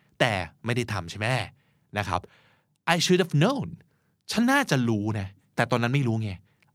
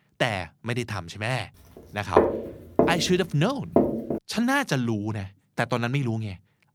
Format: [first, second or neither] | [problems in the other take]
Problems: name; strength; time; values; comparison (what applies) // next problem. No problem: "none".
first | footsteps; loud; from 2 to 4 s; peak 5 dB above the speech